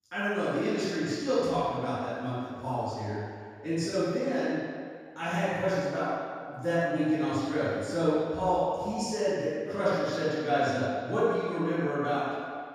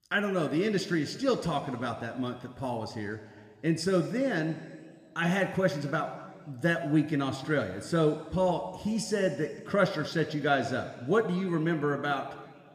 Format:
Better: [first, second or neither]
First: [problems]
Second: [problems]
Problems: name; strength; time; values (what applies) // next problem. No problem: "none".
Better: second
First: room echo; strong; dies away in 1.8 s // off-mic speech; far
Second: room echo; slight; dies away in 1.5 s